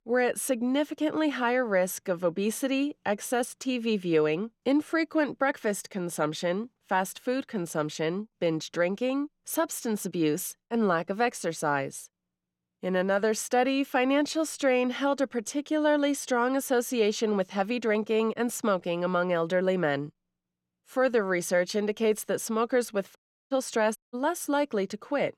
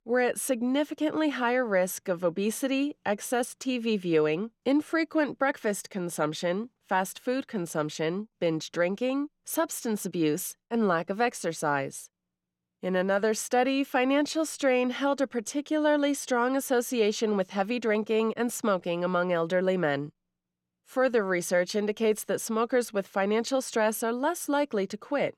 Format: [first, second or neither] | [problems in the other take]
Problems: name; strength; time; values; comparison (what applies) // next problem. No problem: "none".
second | audio cutting out; at 23 s and at 24 s